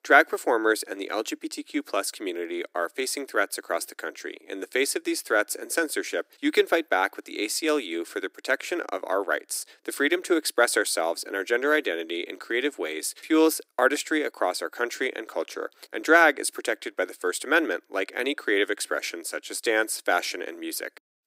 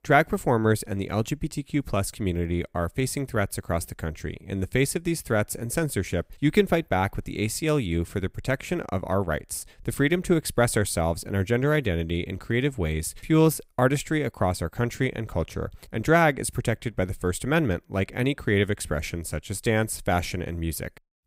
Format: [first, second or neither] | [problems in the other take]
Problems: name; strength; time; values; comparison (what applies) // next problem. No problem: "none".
second | thin; very; fading below 300 Hz